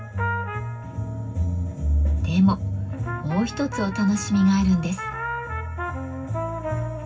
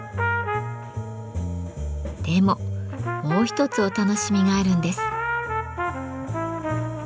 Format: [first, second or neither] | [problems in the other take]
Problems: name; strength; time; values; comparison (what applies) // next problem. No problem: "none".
second | background sound (Engine); 12 dB below the speech // room echo; dies away in 0.4 s